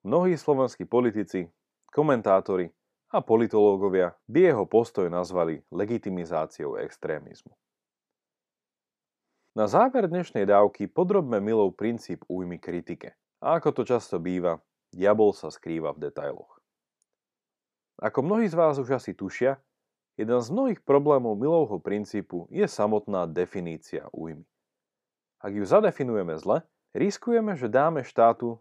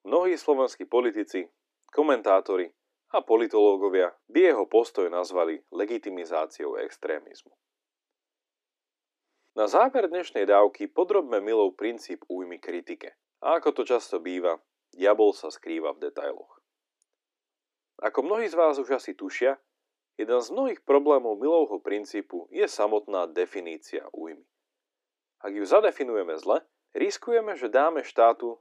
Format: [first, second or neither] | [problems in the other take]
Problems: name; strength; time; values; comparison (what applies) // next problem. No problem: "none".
first | thin; somewhat; fading below 300 Hz